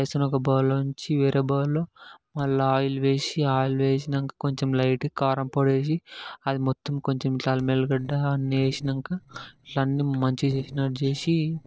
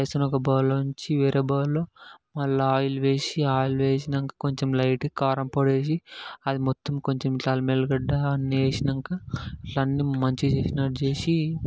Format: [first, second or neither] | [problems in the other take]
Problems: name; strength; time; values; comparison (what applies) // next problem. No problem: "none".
second | noise reduction (neural separator model SepFormer DNS4)